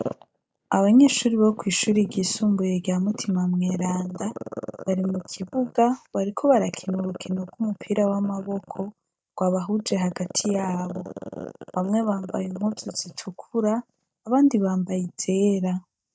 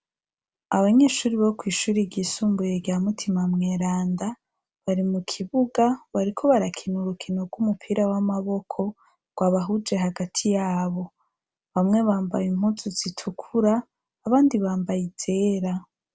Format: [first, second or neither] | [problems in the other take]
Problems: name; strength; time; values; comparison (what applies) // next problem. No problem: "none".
second | noise reduction (neural mask model DeepFilterNet 3)